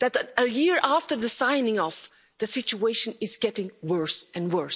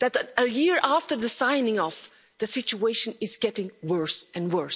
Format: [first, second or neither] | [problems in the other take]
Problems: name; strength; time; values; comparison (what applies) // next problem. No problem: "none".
second | noise reduction (neural mask model Resemble Enhance denoiser)